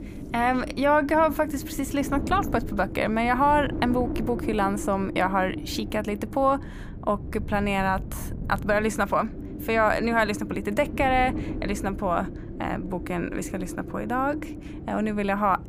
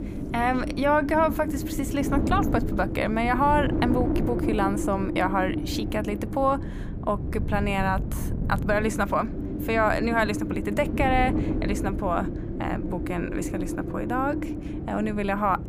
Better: first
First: wind noise on the microphone; occasional gusts; 15 dB below the speech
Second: wind noise on the microphone; heavy; 9 dB below the speech

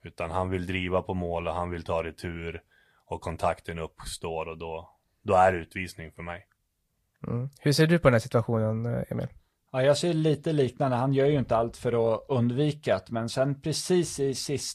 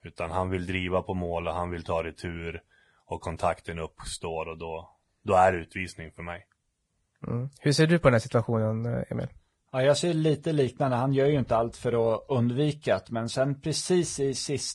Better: first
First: garbled, watery; slightly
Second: garbled, watery; badly; nothing above 10 kHz

